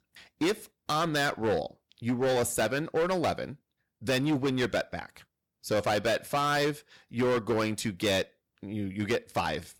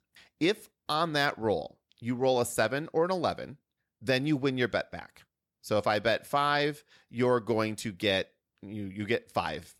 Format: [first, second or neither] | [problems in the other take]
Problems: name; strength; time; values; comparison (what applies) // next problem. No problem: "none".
second | distortion; heavy; 11% of the sound clipped